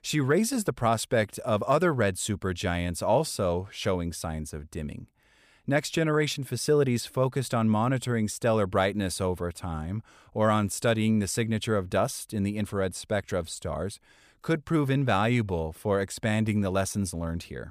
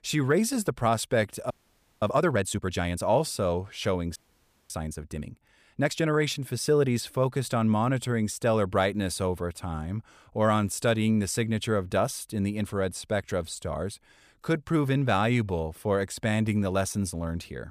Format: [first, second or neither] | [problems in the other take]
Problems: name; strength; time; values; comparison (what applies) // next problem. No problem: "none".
first | audio freezing; at 1.5 s for 0.5 s and at 4 s for 0.5 s